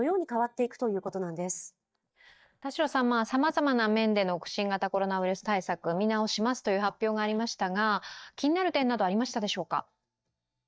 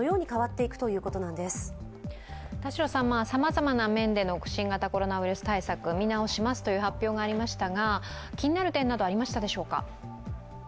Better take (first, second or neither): second